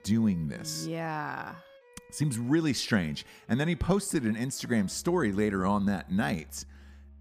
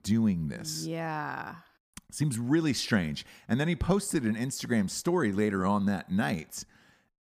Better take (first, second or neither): second